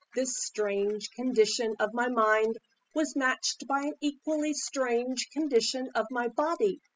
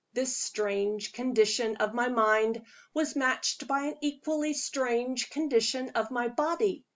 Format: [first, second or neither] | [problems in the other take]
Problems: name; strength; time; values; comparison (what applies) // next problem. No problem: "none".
second | noise reduction (classical method spectral subtraction)